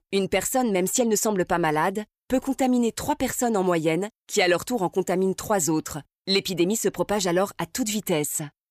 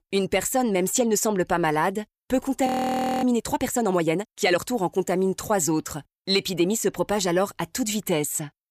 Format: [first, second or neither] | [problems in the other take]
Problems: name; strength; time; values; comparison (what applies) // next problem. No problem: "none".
first | audio freezing; at 2.5 s for 0.5 s